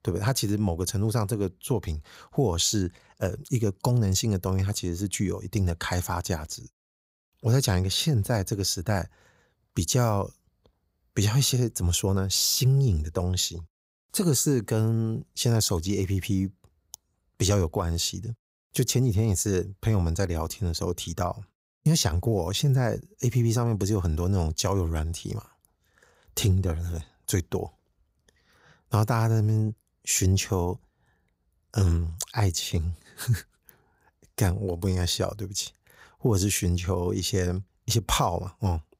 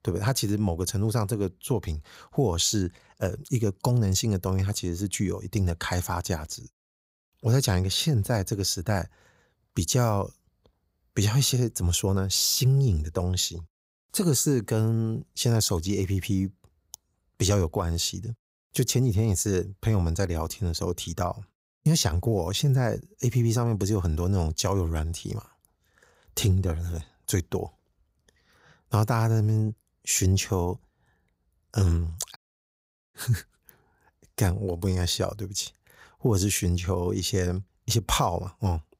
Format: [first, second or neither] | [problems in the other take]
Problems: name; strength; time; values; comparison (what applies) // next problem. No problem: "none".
first | audio cutting out; at 32 s for 1 s